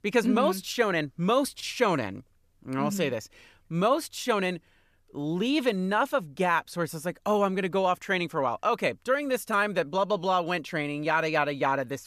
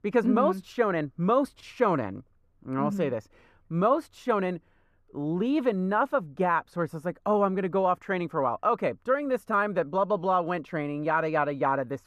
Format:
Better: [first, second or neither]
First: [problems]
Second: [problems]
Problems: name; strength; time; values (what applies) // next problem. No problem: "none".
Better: first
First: none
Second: muffled; very; fading above 2 kHz